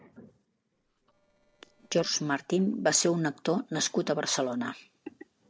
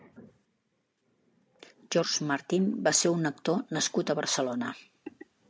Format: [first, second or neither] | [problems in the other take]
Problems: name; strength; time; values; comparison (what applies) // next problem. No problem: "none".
second | noise reduction (neural separator model SepFormer DNS4)